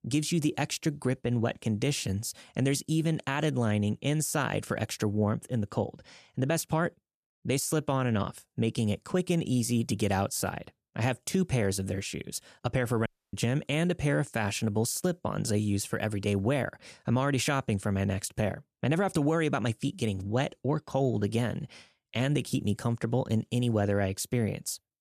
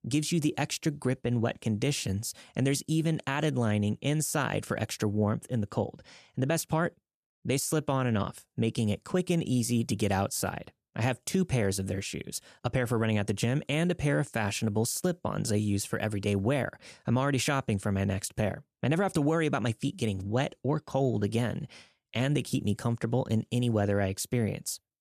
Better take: second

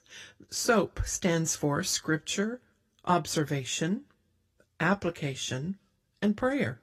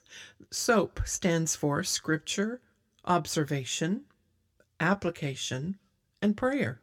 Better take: second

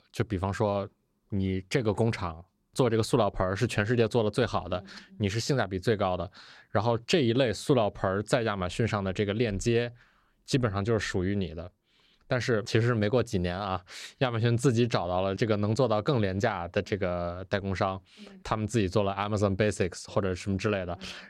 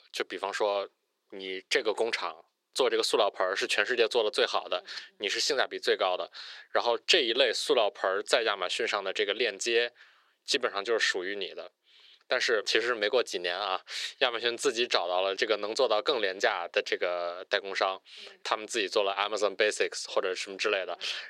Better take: first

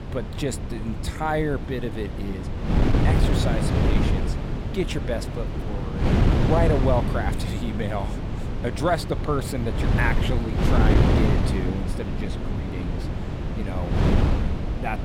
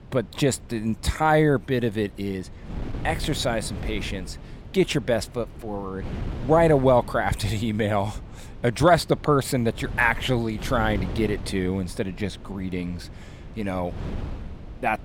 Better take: second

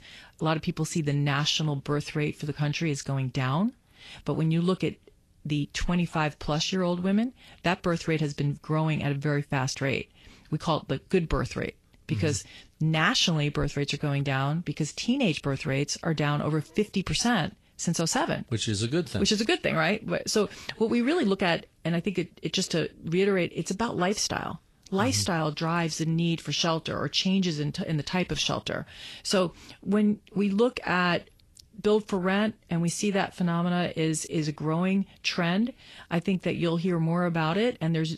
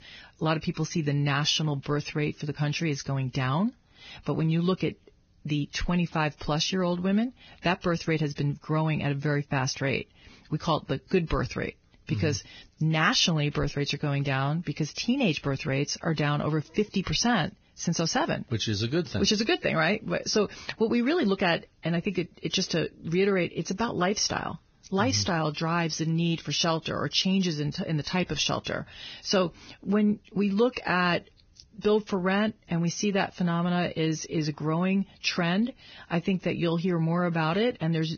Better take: first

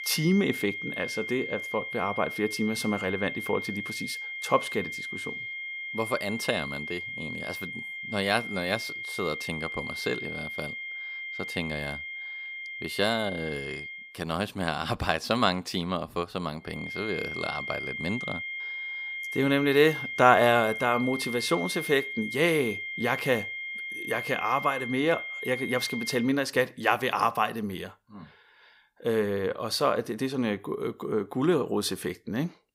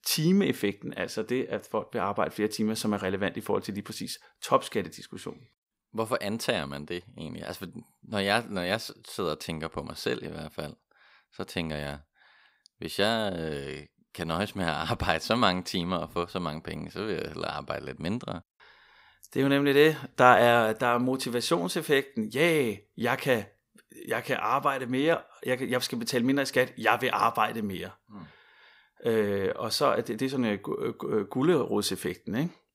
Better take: second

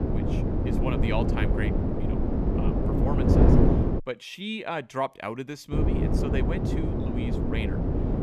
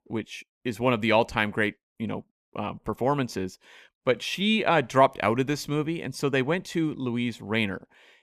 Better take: second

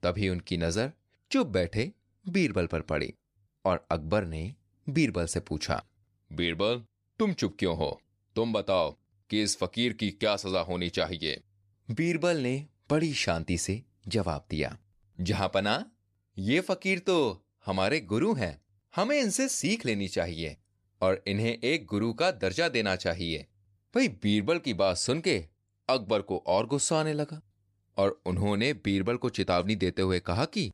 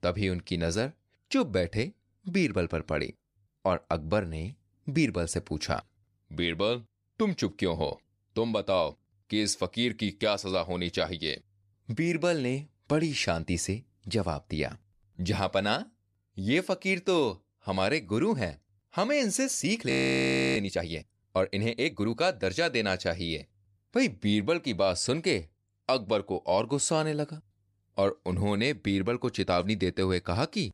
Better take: first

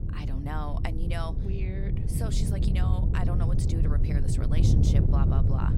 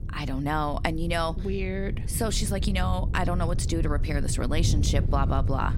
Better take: second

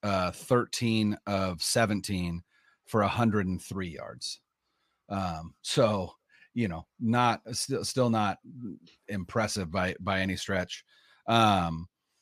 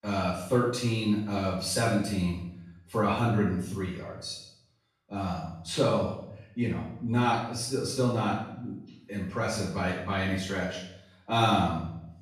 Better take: first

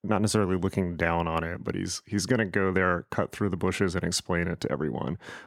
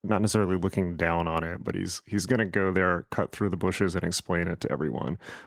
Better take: first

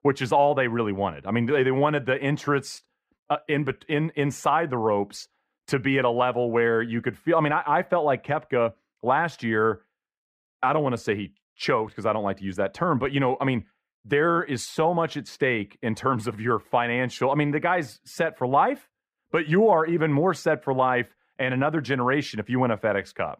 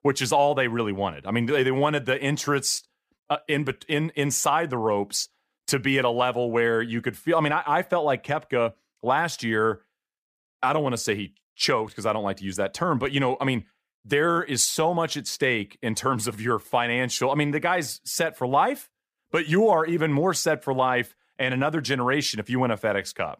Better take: second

